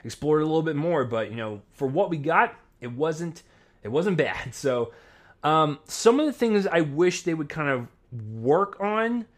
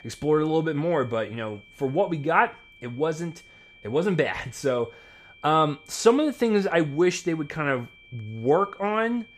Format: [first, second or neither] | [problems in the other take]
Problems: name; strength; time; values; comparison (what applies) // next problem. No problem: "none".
first | high-pitched whine; faint; throughout; 2.5 kHz, 25 dB below the speech